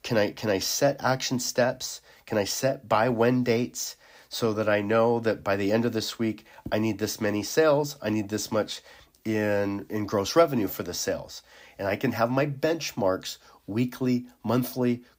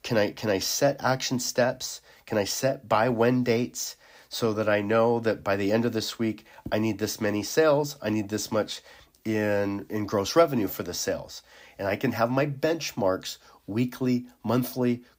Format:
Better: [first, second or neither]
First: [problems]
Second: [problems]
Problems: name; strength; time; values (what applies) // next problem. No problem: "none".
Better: neither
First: none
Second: none